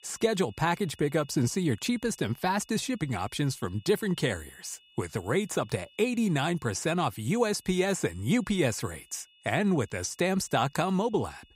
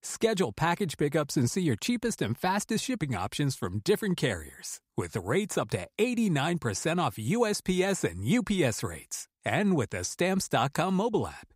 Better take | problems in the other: second | high-pitched whine; faint; throughout; 3 kHz, 30 dB below the speech

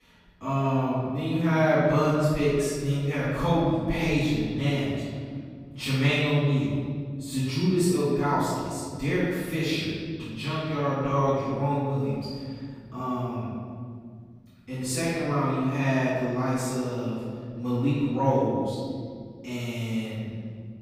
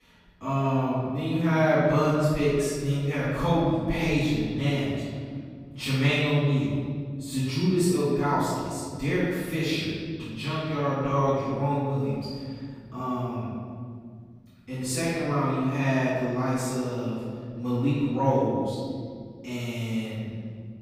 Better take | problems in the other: neither | room echo; strong; dies away in 2.1 s; the same in both // off-mic speech; far; the same in both

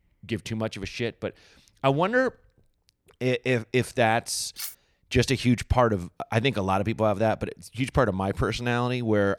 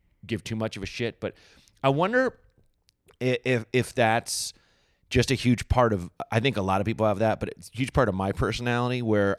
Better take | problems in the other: second | clattering dishes; noticeable; at 4.5 s; peak 9 dB below the speech

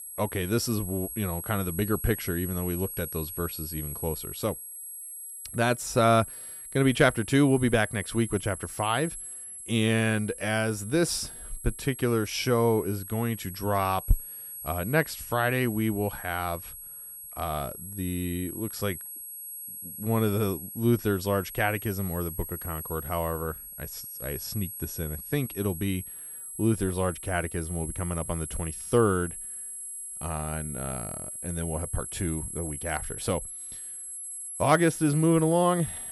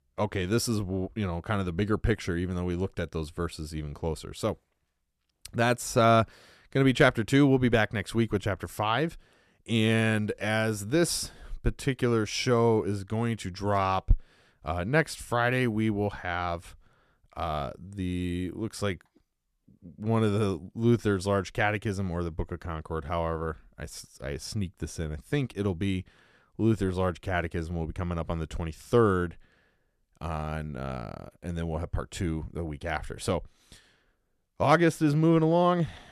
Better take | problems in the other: second | high-pitched whine; loud; throughout; 11 kHz, 8 dB below the speech

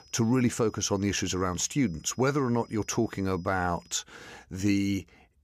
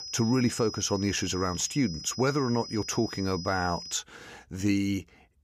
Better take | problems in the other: first | high-pitched whine; loud; until 4 s; 5 kHz, 10 dB below the speech; faint in the first

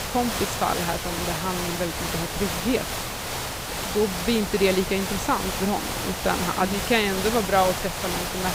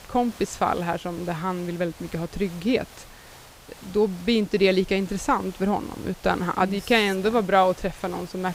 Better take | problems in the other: second | hiss; loud; throughout; 2 dB below the speech; faint in the second

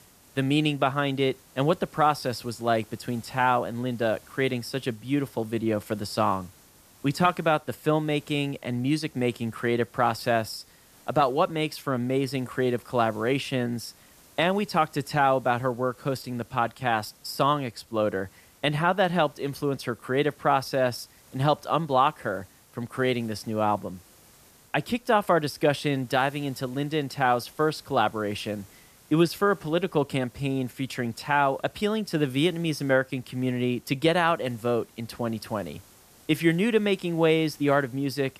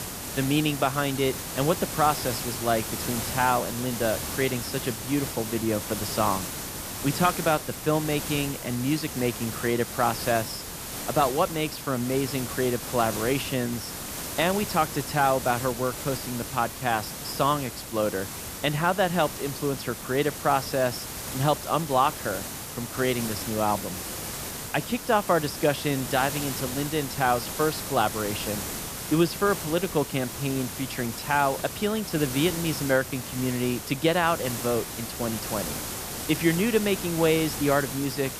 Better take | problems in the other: first | hiss; loud; throughout; 6 dB below the speech; faint in the first

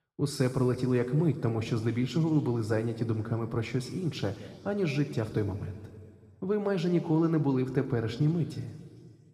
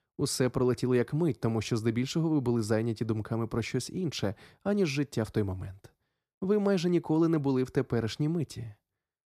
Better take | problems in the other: second | room echo; slight; dies away in 2.2 s // off-mic speech; somewhat distant

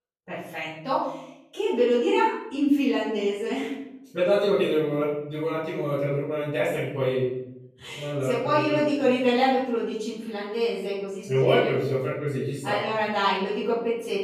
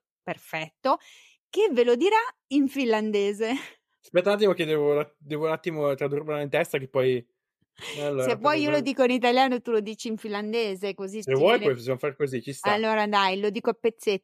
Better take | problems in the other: second | off-mic speech; far // room echo; noticeable; dies away in 0.9 s

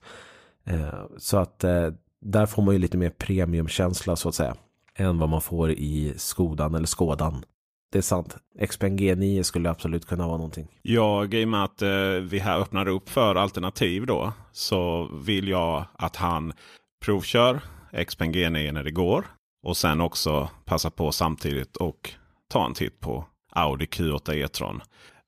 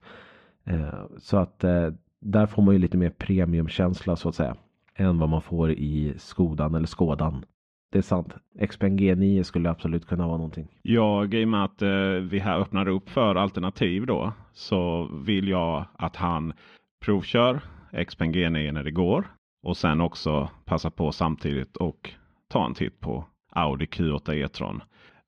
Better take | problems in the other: first | muffled; slightly; fading above 3.5 kHz

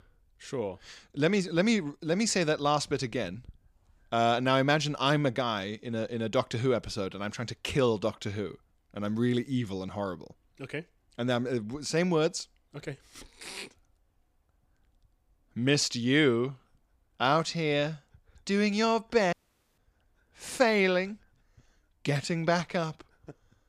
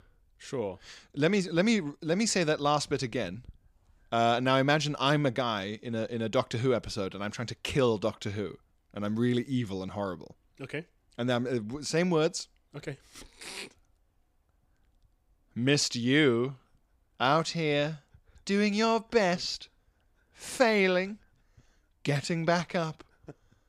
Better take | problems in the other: second | audio cutting out; at 19 s

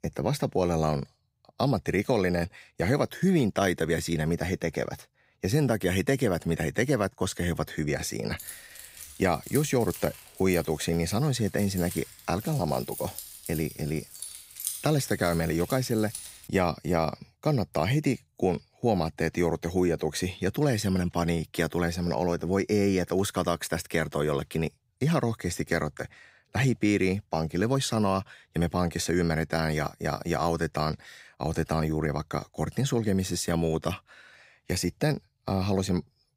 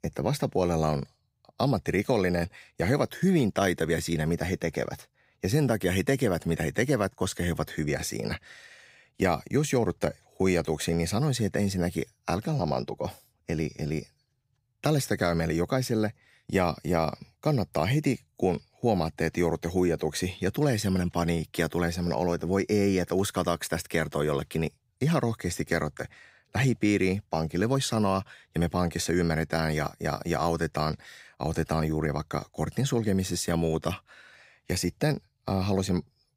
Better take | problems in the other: second | jangling keys; noticeable; from 8.5 to 16 s; peak 5 dB below the speech

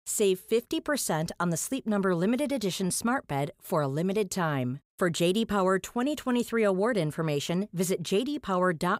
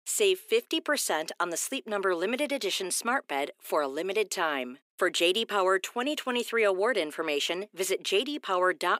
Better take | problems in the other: first | thin; somewhat; fading below 300 Hz

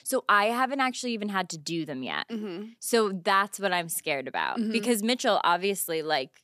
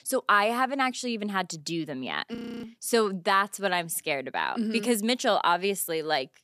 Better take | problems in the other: first | audio freezing; at 2.5 s

